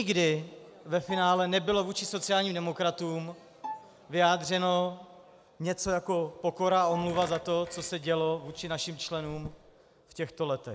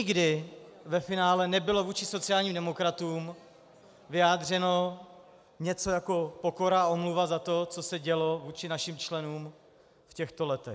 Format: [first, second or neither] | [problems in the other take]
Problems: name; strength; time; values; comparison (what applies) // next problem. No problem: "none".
second | background sound (Bowed string instrument + Tools); 16 dB below the speech